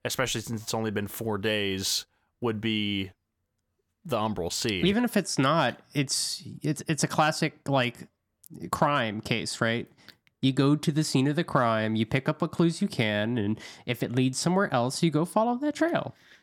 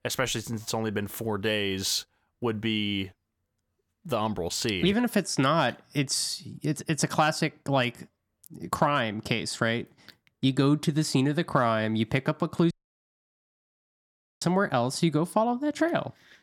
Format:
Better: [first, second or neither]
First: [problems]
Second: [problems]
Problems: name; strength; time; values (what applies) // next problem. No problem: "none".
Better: first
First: none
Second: audio cutting out; at 13 s for 1.5 s